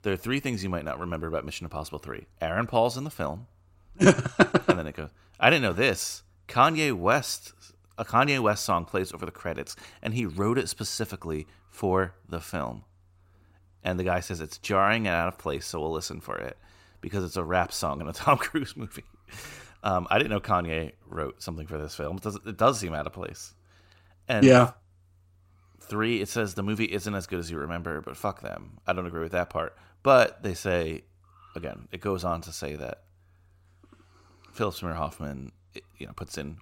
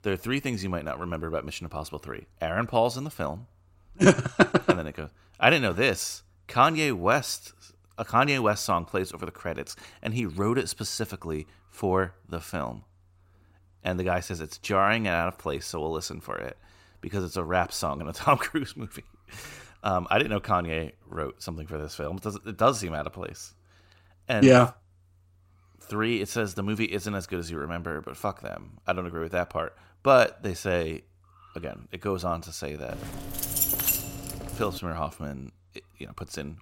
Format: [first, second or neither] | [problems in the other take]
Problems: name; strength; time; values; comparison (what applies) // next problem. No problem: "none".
first | jangling keys; loud; from 33 to 35 s; peak 5 dB above the speech